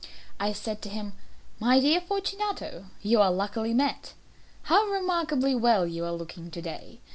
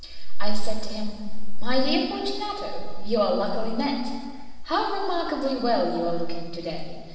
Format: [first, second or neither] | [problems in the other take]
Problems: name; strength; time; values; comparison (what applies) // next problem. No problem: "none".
first | room echo; dies away in 1.6 s